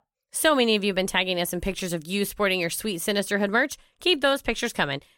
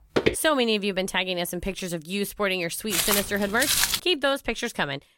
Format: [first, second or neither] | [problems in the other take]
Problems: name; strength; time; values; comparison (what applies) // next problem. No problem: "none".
first | footsteps; loud; at the start and from 3 to 4 s; peak 5 dB above the speech